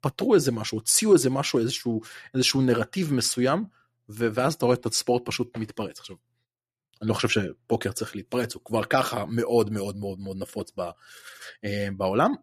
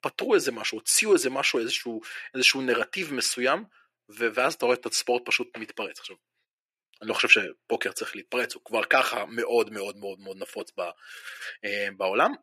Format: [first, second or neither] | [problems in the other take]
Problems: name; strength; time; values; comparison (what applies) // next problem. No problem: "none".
first | thin; somewhat; fading below 400 Hz